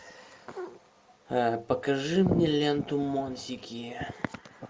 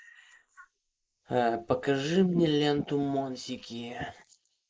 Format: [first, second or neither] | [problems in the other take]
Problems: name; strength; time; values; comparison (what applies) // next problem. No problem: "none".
first | noise reduction (neural mask model Resemble Enhance denoiser)